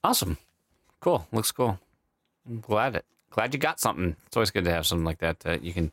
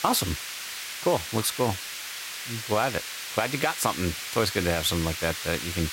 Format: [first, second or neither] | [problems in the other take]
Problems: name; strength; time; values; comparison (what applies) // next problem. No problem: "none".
first | hiss; loud; throughout; 5 dB below the speech